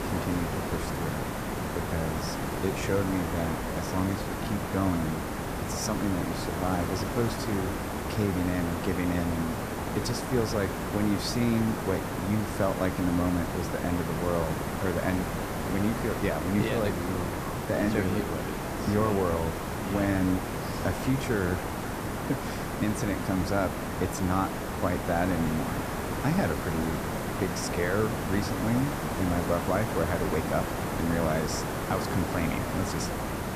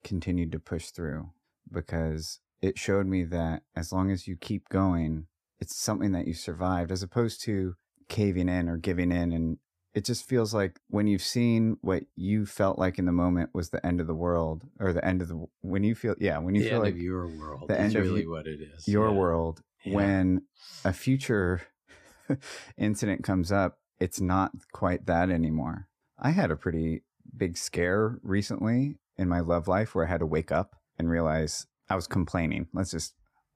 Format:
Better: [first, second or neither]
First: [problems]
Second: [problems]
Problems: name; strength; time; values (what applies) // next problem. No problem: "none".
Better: second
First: hiss; loud; throughout; 2 dB below the speech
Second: none